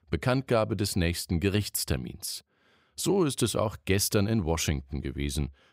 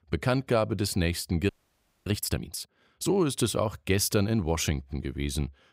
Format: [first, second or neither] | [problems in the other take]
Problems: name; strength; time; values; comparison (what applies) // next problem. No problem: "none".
first | audio freezing; at 1.5 s for 0.5 s